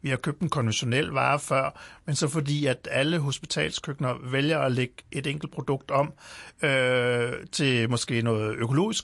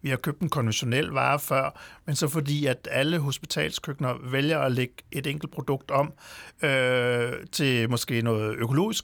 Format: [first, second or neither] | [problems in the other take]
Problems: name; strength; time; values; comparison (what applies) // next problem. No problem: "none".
second | garbled, watery; slightly; nothing above 11 kHz